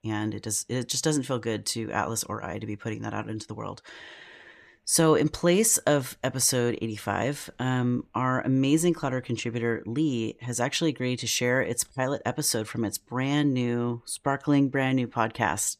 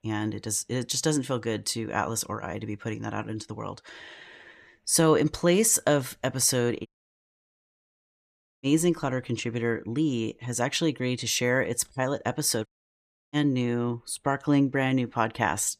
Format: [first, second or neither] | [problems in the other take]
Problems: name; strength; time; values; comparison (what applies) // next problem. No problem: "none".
first | audio cutting out; at 7 s for 2 s and at 13 s for 0.5 s